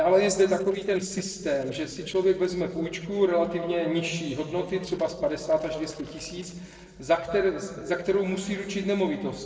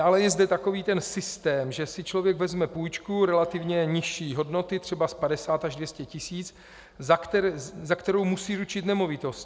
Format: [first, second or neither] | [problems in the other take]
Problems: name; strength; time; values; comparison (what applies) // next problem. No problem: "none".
second | noise reduction (neural separator model SepFormer DNS4)